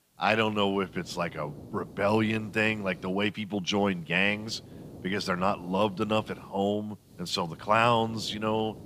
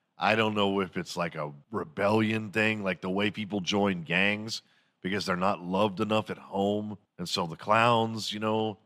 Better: second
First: hiss; noticeable; throughout; 20 dB below the speech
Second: none

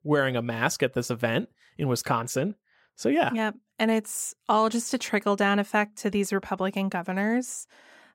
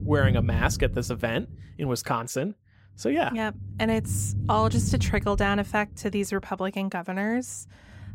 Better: first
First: none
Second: low rumble; noticeable; throughout; 15 dB below the speech

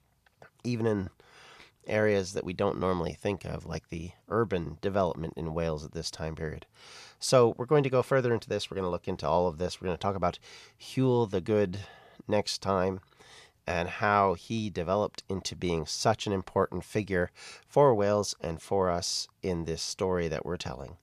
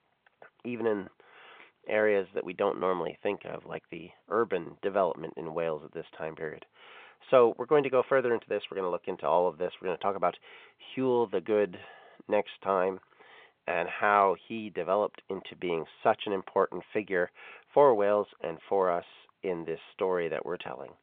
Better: first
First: none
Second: phone-call audio

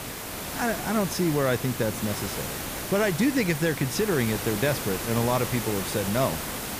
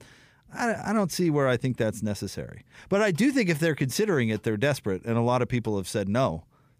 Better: second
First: hiss; loud; throughout; 5 dB below the speech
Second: none

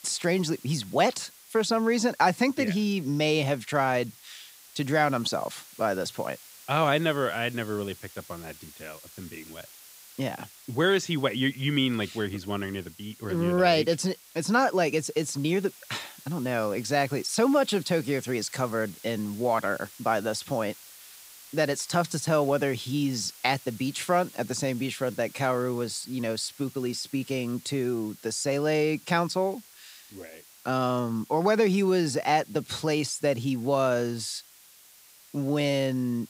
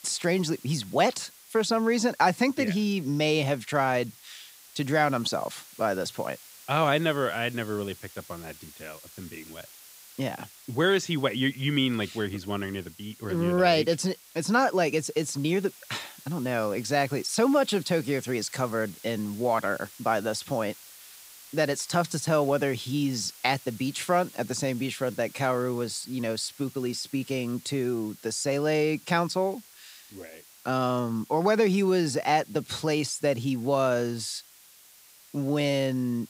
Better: neither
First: hiss; faint; throughout; 20 dB below the speech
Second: hiss; faint; throughout; 20 dB below the speech

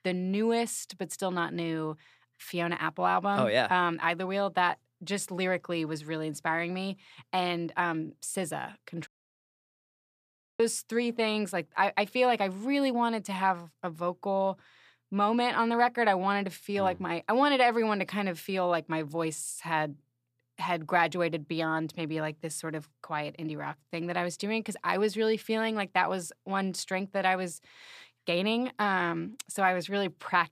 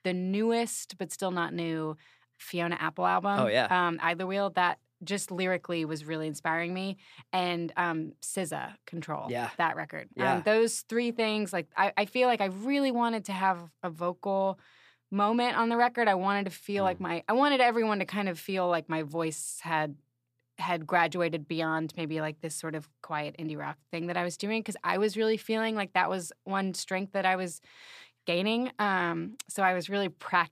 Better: second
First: audio cutting out; at 9 s for 1.5 s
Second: none

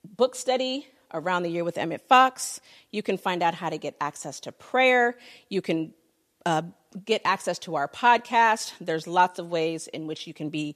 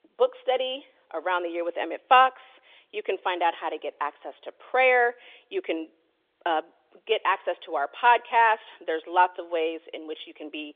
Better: first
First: none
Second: phone-call audio; nothing above 3 kHz

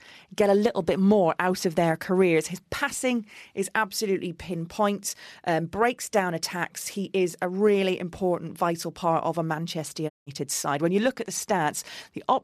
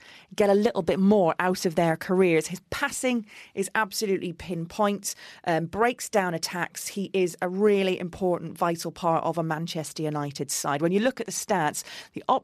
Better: second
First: audio cutting out; at 10 s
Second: none

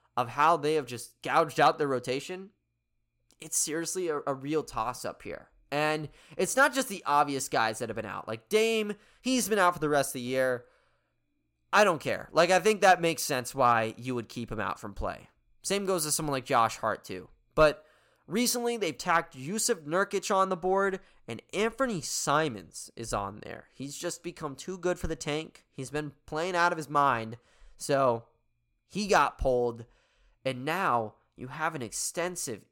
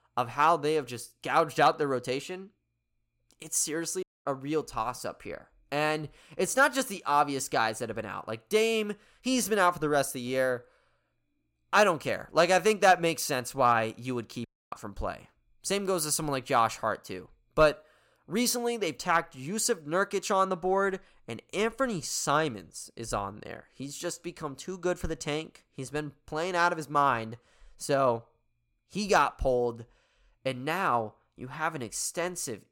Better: first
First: none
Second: audio cutting out; at 4 s and at 14 s

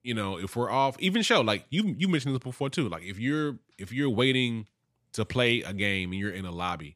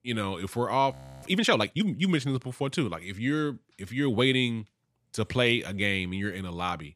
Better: first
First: none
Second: audio freezing; at 1 s

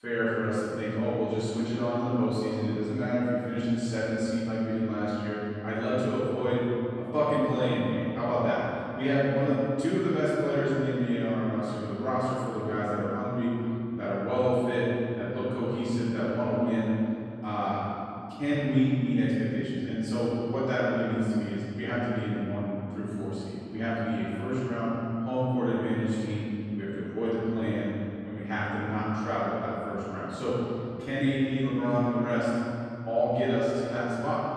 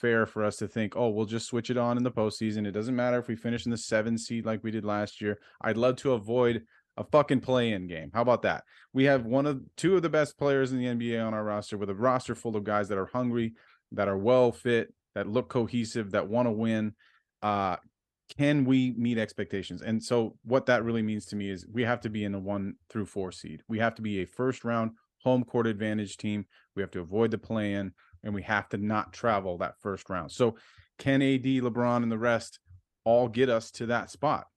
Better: second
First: off-mic speech; far // room echo; strong; dies away in 3 s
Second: none

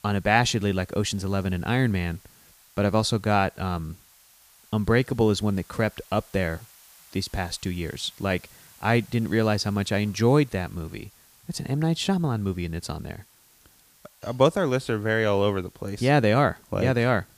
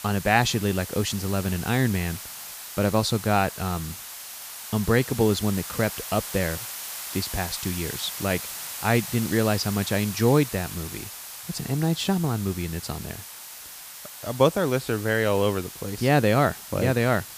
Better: first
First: hiss; faint; throughout; 25 dB below the speech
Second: hiss; loud; throughout; 10 dB below the speech

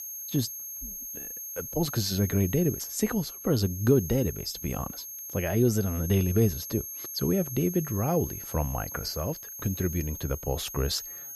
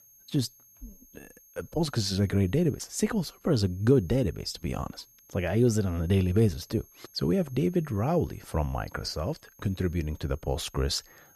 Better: second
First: high-pitched whine; loud; throughout; 6.5 kHz, 8 dB below the speech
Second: high-pitched whine; faint; throughout; 6.5 kHz, 25 dB below the speech

